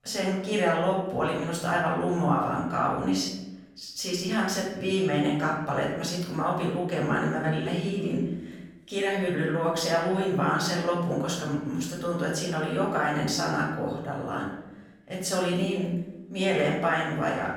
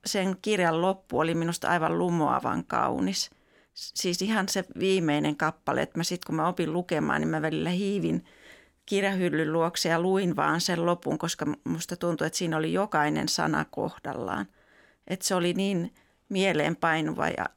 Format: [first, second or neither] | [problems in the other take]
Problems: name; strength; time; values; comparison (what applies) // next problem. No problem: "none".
second | off-mic speech; far // room echo; noticeable; dies away in 0.8 s